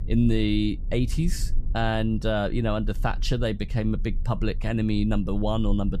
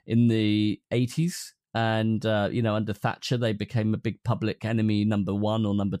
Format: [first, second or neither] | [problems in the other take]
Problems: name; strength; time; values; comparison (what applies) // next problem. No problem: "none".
second | low rumble; faint; throughout; 25 dB below the speech